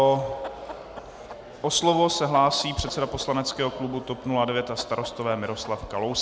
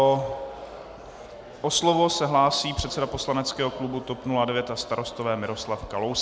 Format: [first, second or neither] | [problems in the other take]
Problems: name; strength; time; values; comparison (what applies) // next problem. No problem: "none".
second | background sound (Chicken, rooster); 19 dB below the speech